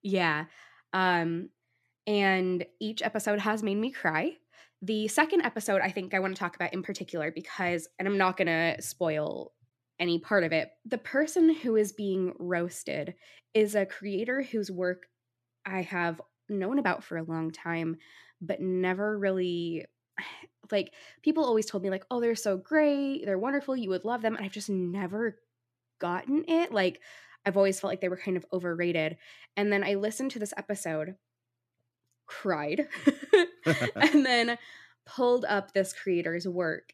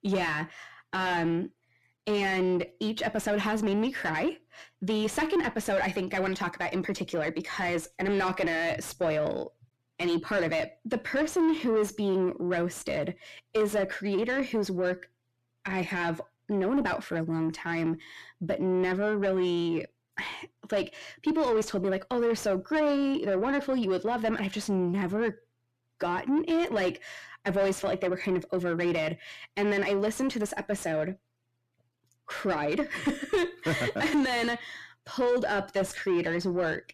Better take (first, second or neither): first